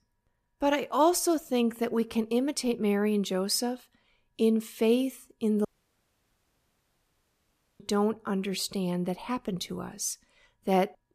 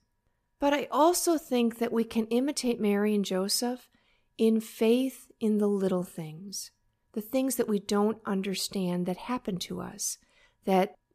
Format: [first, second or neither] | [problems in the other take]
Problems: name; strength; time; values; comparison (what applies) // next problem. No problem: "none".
second | audio cutting out; at 5.5 s for 2 s